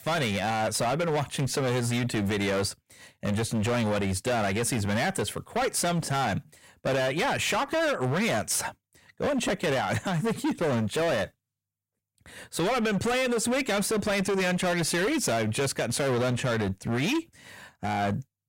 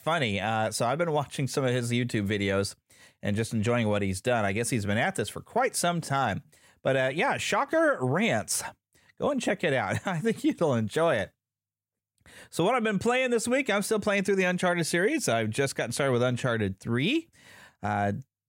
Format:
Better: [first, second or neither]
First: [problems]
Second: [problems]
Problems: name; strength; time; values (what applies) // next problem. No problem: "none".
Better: second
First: distortion; heavy; 25% of the sound clipped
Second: none